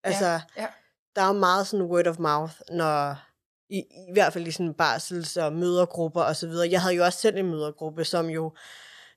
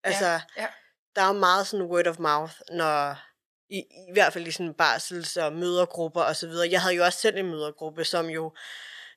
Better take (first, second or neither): first